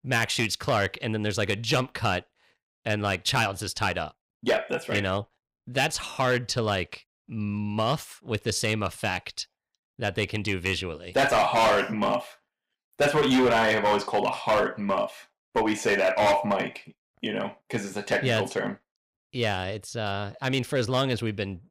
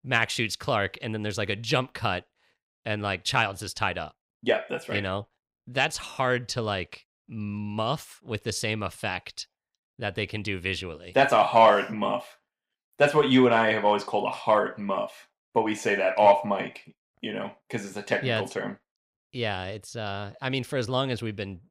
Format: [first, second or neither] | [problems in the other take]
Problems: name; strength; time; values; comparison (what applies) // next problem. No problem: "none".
second | distortion; heavy; 5% of the sound clipped